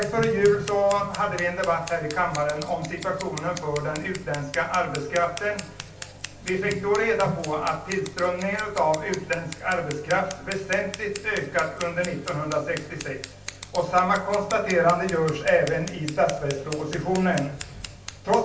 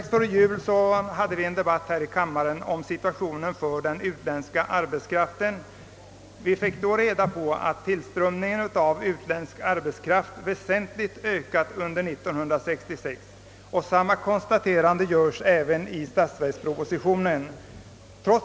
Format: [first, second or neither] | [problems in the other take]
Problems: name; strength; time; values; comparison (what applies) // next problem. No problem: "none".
second | background sound (Scissors); 15 dB below the speech // room echo; dies away in 0.3 s